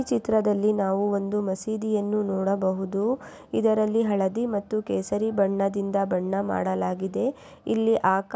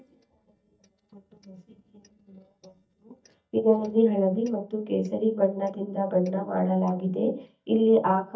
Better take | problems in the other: first | noise reduction (neural mask model DeepFilterNet 3)

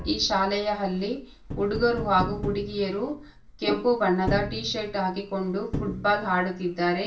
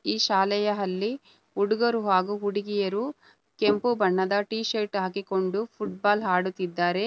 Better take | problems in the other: second | background sound (Tap); 10 dB below the speech // room echo; dies away in 0.3 s

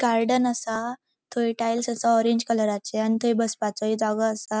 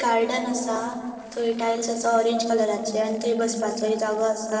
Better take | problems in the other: first | noise reduction (neural separator model SepFormer DNS4)

